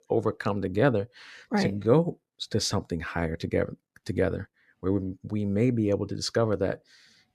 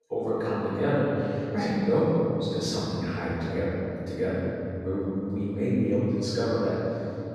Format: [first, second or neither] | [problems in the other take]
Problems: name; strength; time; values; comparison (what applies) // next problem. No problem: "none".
first | off-mic speech; far // room echo; strong; dies away in 2.5 s